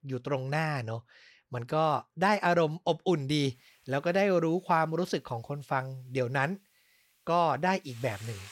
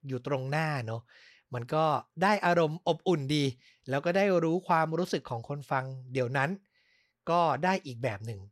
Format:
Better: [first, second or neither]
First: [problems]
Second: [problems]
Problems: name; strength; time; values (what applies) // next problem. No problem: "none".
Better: second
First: hiss; faint; from 3.5 s on; 30 dB below the speech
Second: none